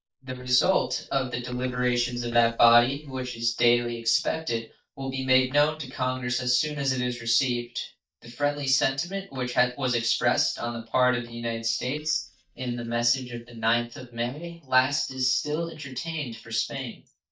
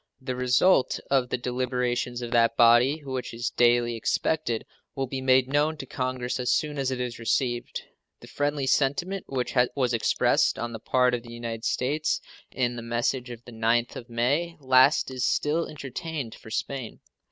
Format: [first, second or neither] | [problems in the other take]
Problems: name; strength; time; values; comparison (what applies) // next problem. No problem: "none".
second | noise reduction (neural mask model DeepFilterNet 3)